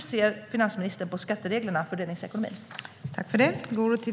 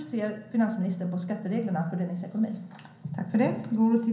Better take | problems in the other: first | room echo; dies away in 0.6 s

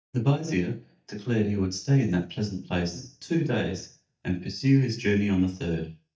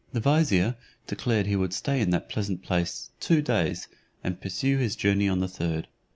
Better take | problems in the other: second | noise reduction (neural mask model DeepFilterNet 3)

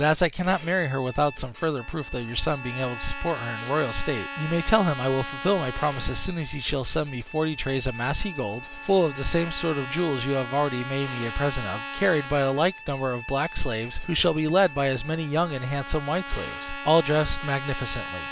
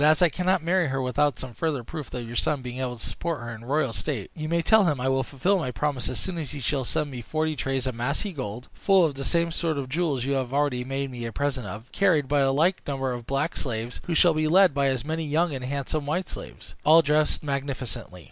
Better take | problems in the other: second | background sound (Trumpet + Bowed string instrument); 12 dB below the speech

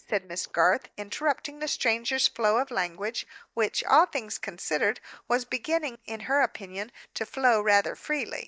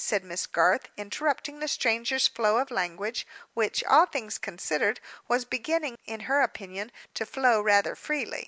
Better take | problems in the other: second | noise reduction (neural mask model DeepFilterNet 3)

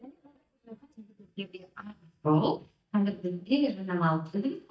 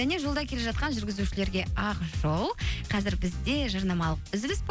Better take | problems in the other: second | noise reduction (neural mask model DeepFilterNet 3)

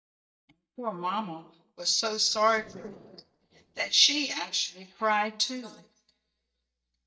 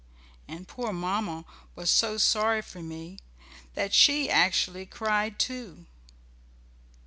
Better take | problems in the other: second | noise reduction (neural mask model DeepFilterNet 3)

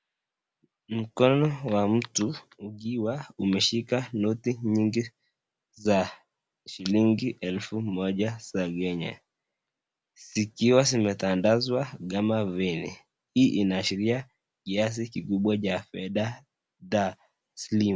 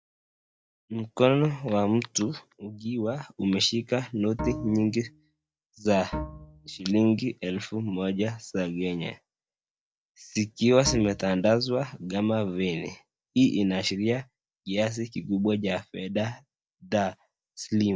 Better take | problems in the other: first | noise reduction (neural mask model DeepFilterNet 3)

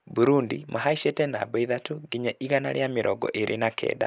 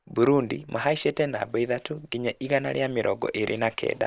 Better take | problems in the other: first | noise reduction (neural separator model SepFormer DNS4)

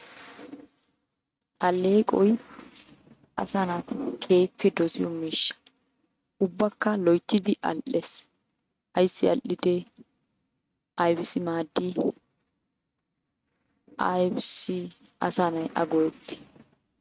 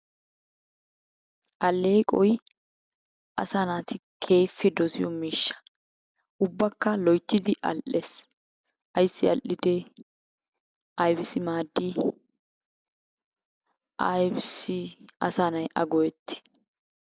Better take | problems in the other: second | noise reduction (neural mask model RNNoise)

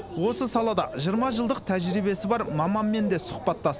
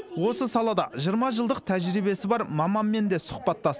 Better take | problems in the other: second | background sound (Bird / Dog); 13 dB below the speech

